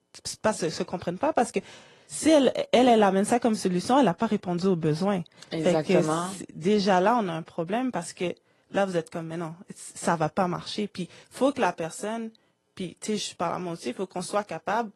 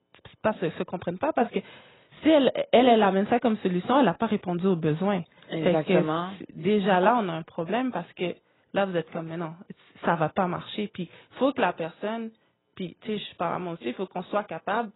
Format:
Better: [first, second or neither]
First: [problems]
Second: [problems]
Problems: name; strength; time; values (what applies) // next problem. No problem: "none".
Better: first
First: garbled, watery; slightly; nothing above 11 kHz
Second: garbled, watery; badly; nothing above 4 kHz